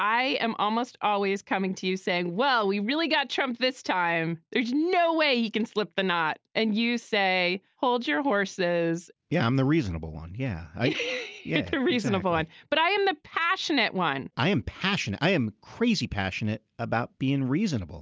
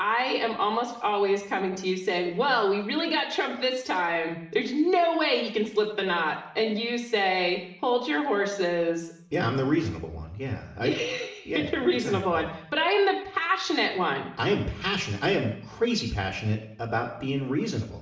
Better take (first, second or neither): first